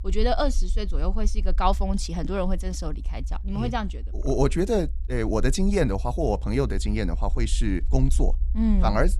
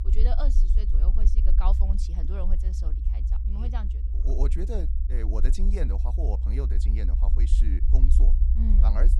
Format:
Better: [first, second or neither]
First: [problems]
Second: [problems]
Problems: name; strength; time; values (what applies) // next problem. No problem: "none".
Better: first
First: low rumble; faint; throughout; 25 dB below the speech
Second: low rumble; loud; throughout; 6 dB below the speech